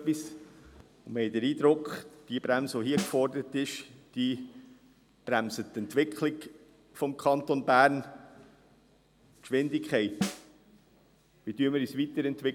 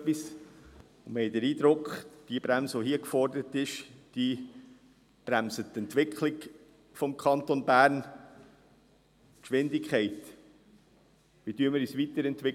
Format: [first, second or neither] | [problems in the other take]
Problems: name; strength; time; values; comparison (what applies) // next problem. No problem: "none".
second | background sound (Snare drum); 10 dB below the speech